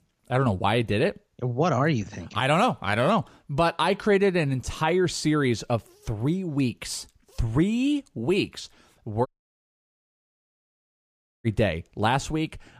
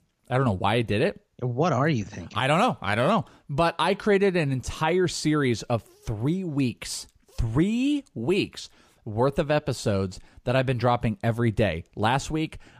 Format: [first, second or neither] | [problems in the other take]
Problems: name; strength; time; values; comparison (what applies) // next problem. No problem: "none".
second | audio cutting out; at 9.5 s for 2 s